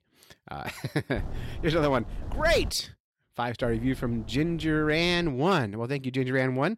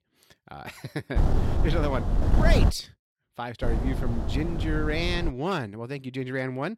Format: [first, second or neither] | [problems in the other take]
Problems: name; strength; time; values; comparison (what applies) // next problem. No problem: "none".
first | wind noise on the microphone; heavy; from 1 to 2.5 s and from 3.5 to 5.5 s; 4 dB below the speech; occasional gusts in the first